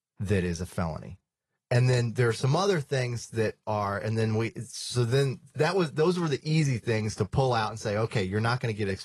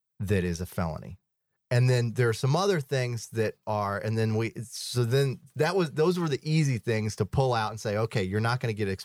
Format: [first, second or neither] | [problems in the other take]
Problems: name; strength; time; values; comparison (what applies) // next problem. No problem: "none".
second | garbled, watery; slightly; nothing above 11 kHz